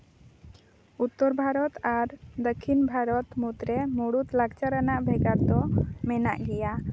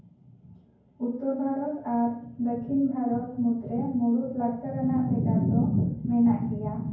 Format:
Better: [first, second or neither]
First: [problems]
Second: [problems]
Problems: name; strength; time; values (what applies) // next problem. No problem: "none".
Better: first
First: none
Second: room echo; dies away in 0.9 s